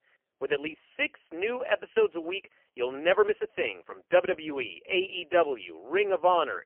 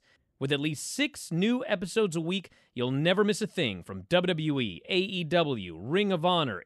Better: second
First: phone-call audio; poor line; nothing above 3 kHz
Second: none

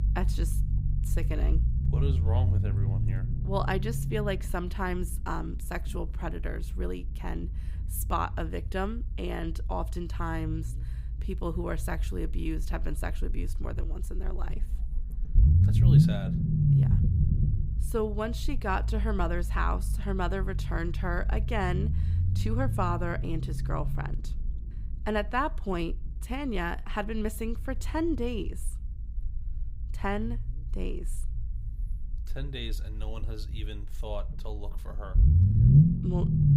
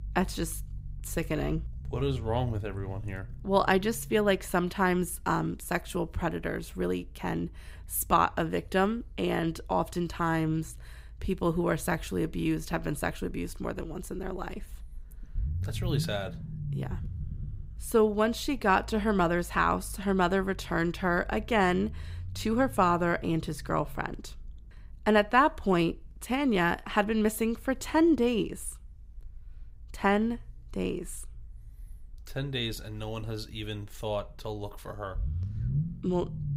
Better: second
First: low rumble; loud; throughout; 4 dB below the speech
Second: low rumble; faint; throughout; 25 dB below the speech

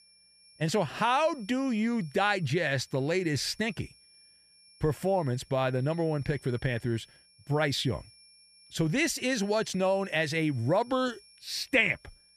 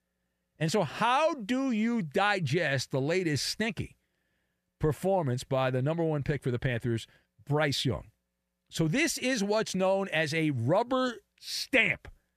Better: second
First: high-pitched whine; faint; throughout; 5.5 kHz, 25 dB below the speech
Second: none

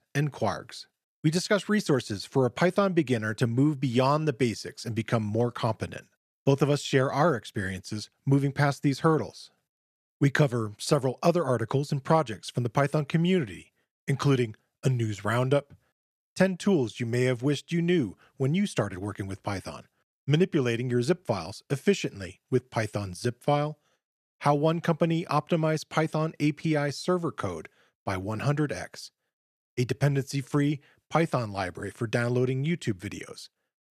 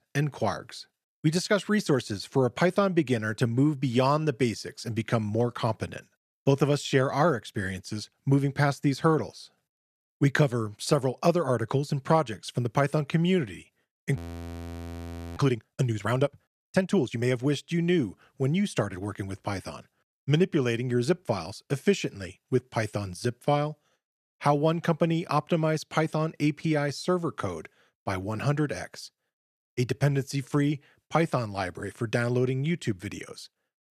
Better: first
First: none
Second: audio freezing; at 14 s for 1 s

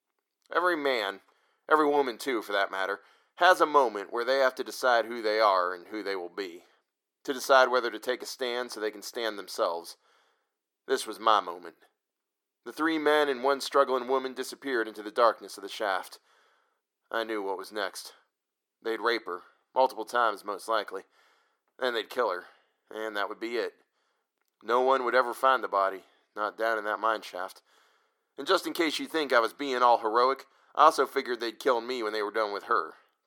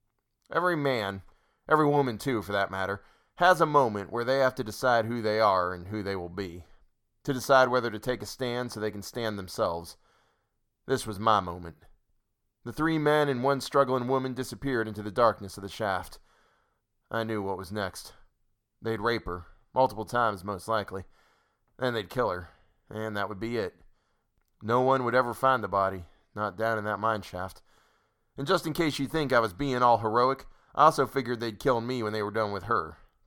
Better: second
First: thin; somewhat; fading below 350 Hz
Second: none

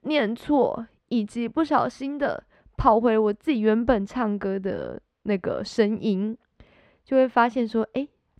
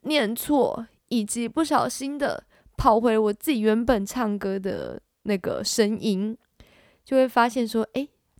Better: second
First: muffled; slightly; fading above 2.5 kHz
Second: none

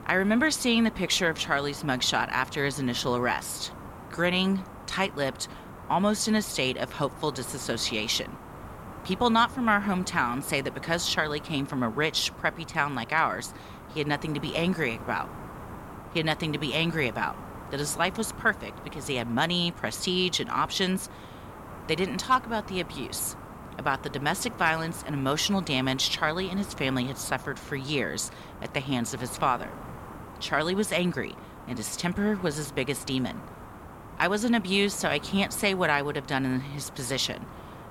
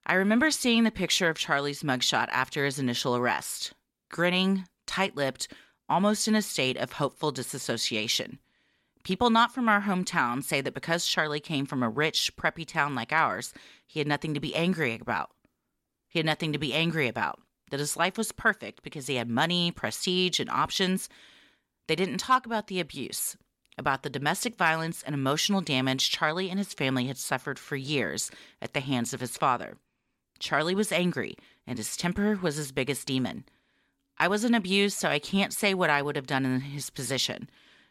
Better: second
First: hiss; noticeable; throughout; 15 dB below the speech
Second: none

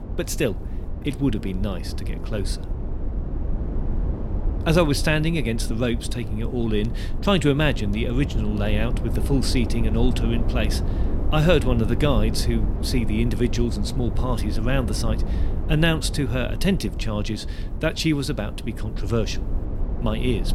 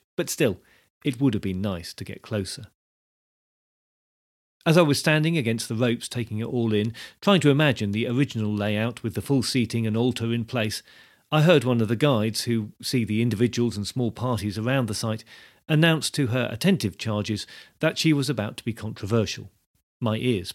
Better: second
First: low rumble; noticeable; throughout; 10 dB below the speech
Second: none

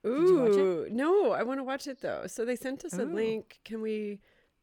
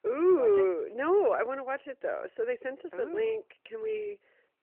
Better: first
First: none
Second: phone-call audio

